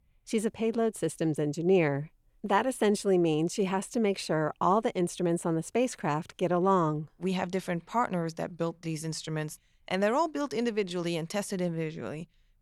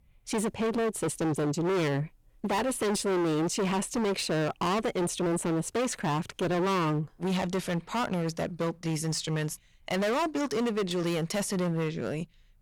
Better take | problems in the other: first | distortion; heavy; 26% of the sound clipped

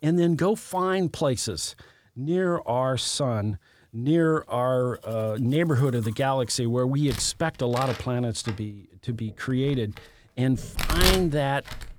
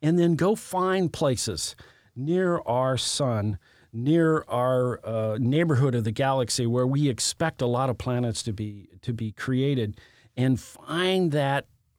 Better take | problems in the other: second | household noises; loud; throughout; 5 dB below the speech

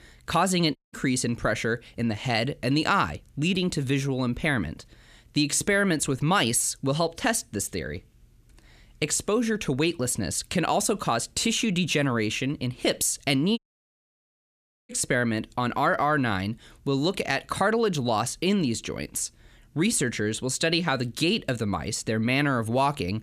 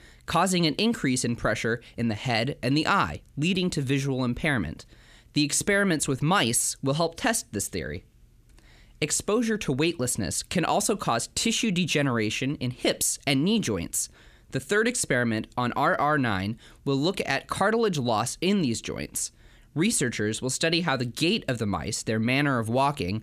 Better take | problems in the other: second | audio cutting out; at 1 s and at 14 s for 1.5 s

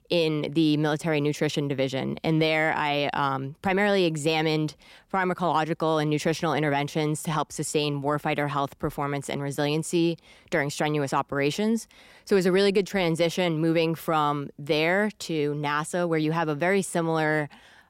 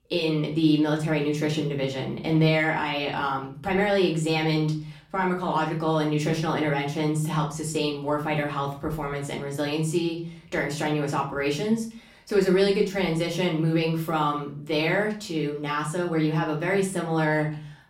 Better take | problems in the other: first | room echo; slight; dies away in 0.4 s // off-mic speech; far

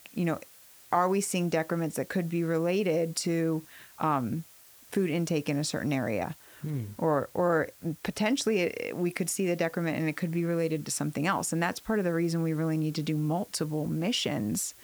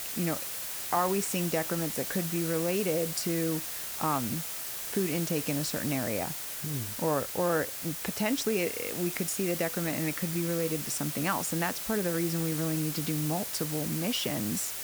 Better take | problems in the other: first | hiss; loud; throughout; 1 dB below the speech; faint in the first

